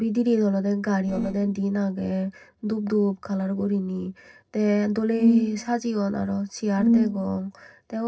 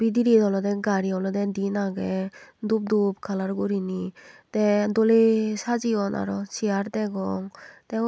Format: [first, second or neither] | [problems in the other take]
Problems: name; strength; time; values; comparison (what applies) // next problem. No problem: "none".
second | noise reduction (neural separator model SepFormer DNS4)